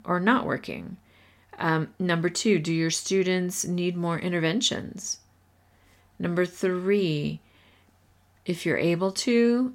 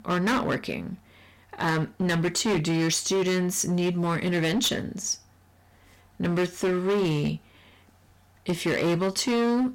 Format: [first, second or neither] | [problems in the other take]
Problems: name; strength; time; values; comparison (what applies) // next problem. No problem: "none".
first | distortion; heavy; 15% of the sound clipped